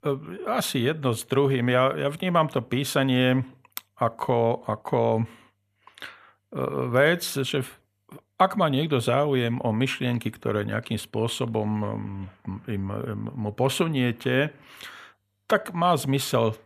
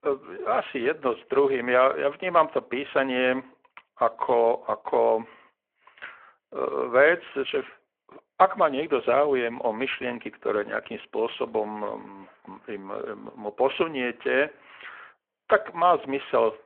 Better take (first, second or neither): first